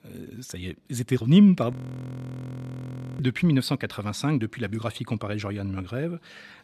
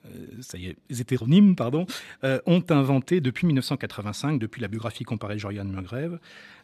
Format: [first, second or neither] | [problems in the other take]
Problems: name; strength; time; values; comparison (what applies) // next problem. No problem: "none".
second | audio freezing; at 1.5 s for 1.5 s